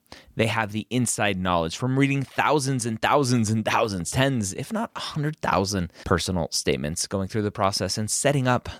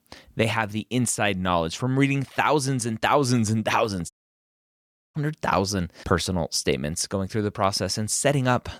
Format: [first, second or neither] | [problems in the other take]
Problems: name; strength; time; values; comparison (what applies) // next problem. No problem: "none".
first | audio cutting out; at 4 s for 1 s